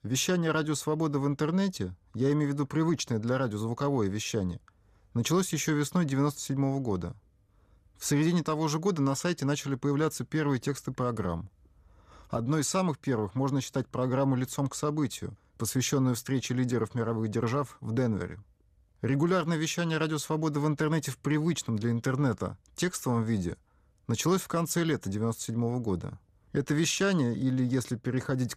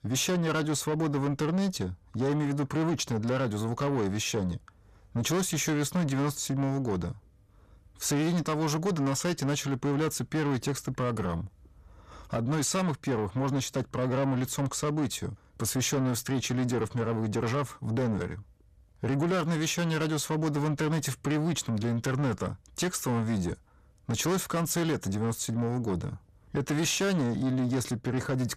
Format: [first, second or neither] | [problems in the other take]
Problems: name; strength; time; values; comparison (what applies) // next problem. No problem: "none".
first | distortion; slight; 10 dB below the speech